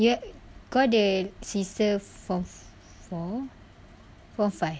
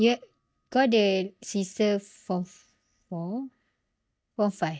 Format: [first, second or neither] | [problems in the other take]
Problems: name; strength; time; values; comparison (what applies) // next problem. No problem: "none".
first | noise reduction (neural mask model DeepFilterNet 3)